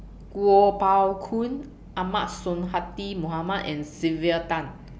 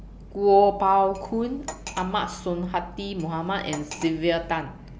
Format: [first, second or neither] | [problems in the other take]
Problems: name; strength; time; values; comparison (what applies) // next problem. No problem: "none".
first | background sound (Cutlery, silverware); 16 dB below the speech